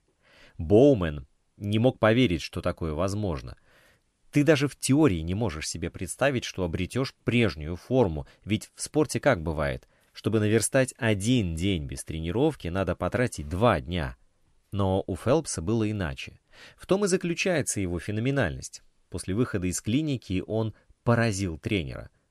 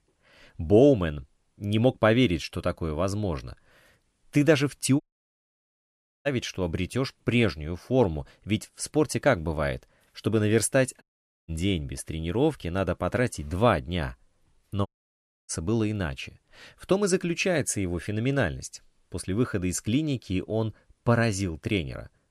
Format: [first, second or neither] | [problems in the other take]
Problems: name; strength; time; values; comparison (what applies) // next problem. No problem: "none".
first | audio cutting out; at 5 s for 1.5 s, at 11 s and at 15 s for 0.5 s